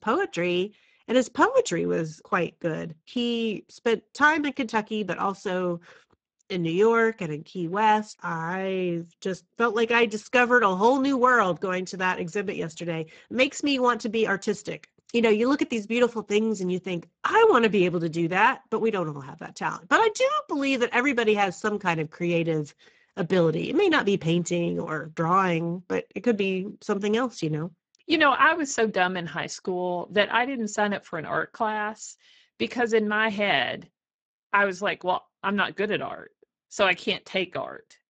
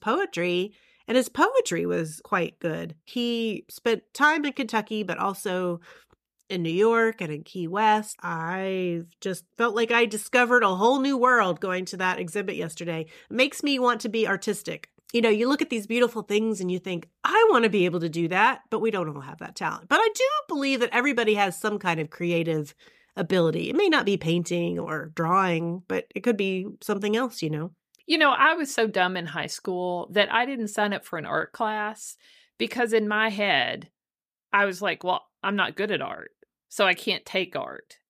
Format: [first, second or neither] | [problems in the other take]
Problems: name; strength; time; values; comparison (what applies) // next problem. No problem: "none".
second | garbled, watery; badly; nothing above 7.5 kHz